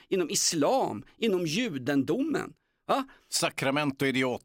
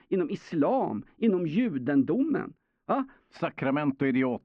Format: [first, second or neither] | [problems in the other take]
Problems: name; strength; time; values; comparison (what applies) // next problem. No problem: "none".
first | muffled; very; fading above 2 kHz